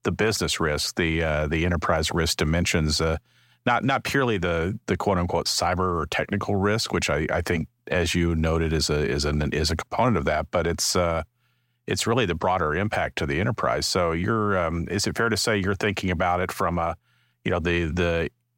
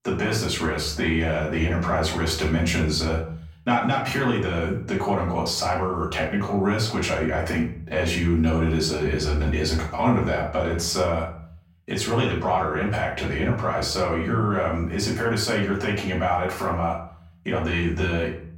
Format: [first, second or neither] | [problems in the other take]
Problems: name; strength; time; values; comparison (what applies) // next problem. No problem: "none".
first | off-mic speech; far // room echo; slight; dies away in 0.5 s